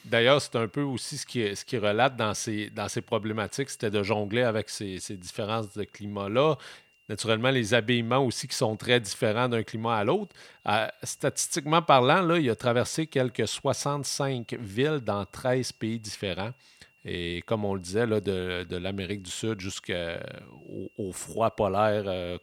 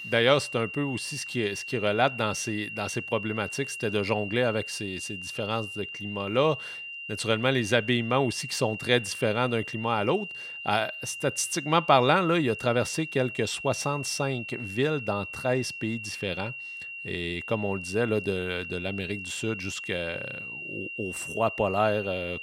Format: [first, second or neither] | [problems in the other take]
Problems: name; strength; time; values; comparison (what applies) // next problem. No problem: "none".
first | high-pitched whine; loud; throughout; 3 kHz, 8 dB below the speech; faint in the first